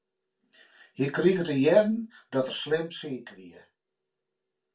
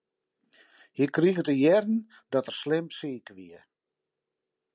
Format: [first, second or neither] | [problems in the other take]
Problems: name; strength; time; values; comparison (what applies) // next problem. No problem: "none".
second | room echo; dies away in 0.2 s